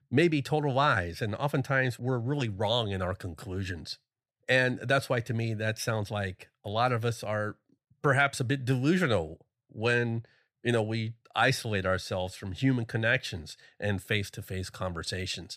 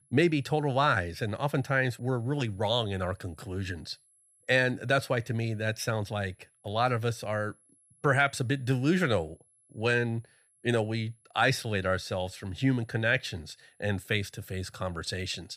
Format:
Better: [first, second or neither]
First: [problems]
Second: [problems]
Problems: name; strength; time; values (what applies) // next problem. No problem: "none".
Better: first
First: none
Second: high-pitched whine; faint; throughout; 11 kHz, 35 dB below the speech